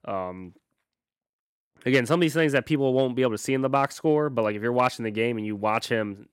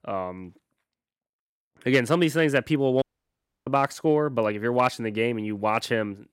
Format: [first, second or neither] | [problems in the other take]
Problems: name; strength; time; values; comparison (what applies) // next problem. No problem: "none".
first | audio cutting out; at 3 s for 0.5 s